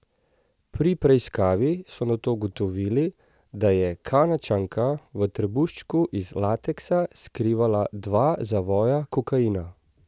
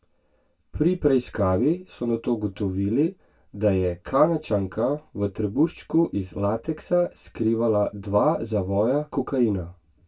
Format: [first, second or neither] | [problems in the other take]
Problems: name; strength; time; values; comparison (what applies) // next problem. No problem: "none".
first | room echo; dies away in 0.1 s